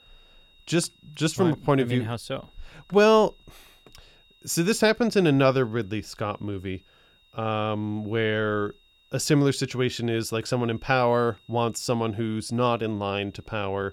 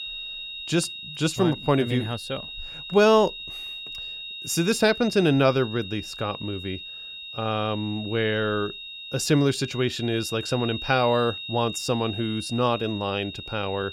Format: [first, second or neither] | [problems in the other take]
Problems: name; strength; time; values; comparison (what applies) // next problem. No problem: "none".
first | high-pitched whine; loud; throughout; 3.5 kHz, 10 dB below the speech; faint in the first